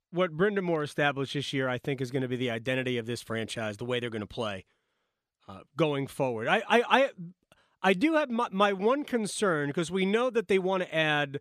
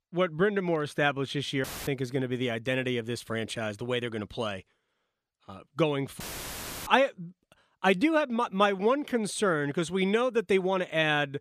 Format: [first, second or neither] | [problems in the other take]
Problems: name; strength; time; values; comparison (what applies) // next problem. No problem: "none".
first | audio cutting out; filled with static; at 1.5 s and at 6 s for 0.5 s